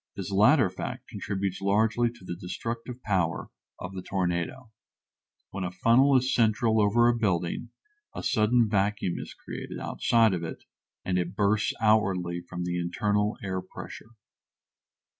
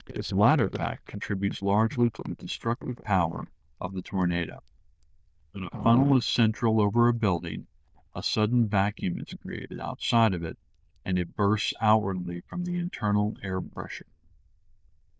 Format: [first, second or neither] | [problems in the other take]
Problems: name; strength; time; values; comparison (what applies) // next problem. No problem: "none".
first | noise reduction (neural diffusion model UNIVERSE++)